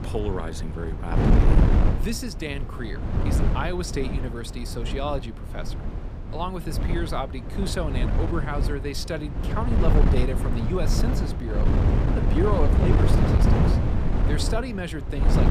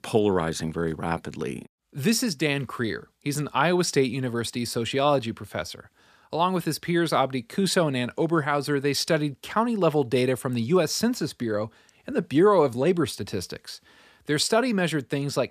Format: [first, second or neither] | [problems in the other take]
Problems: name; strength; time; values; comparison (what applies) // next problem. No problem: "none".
second | wind noise on the microphone; heavy; 1 dB below the speech